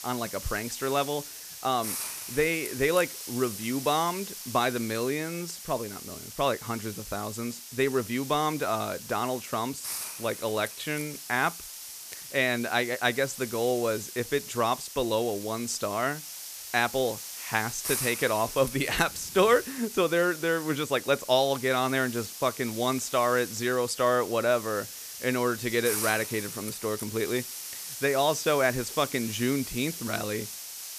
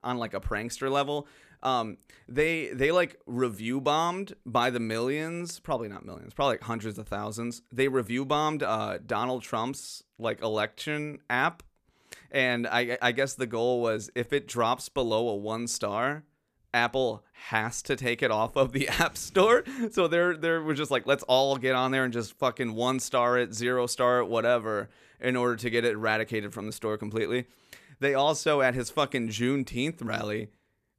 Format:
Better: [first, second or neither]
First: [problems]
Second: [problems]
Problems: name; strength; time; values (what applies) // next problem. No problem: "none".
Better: second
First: hiss; loud; throughout; 9 dB below the speech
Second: none